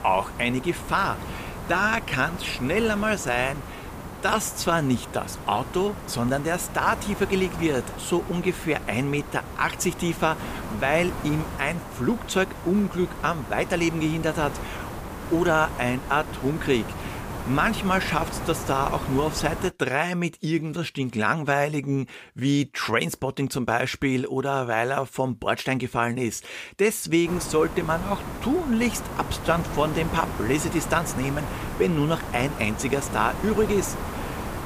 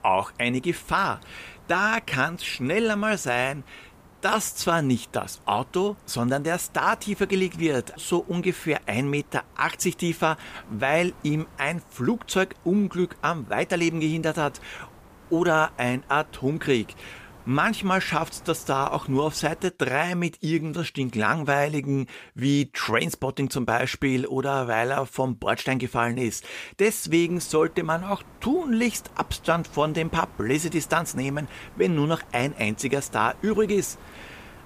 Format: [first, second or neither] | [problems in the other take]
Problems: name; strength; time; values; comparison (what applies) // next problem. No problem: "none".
second | hiss; loud; until 20 s and from 27 s on; 9 dB below the speech; faint in the second